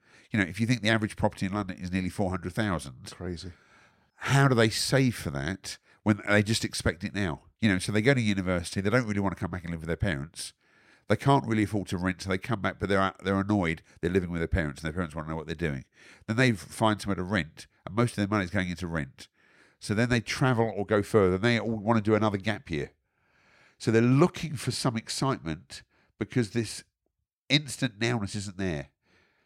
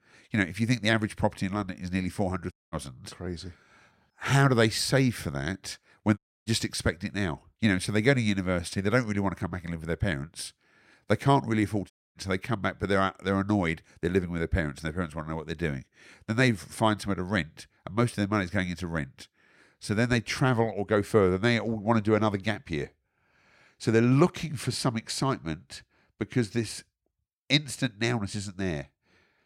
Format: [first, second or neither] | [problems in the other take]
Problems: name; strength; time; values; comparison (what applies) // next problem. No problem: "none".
first | audio cutting out; at 2.5 s, at 6 s and at 12 s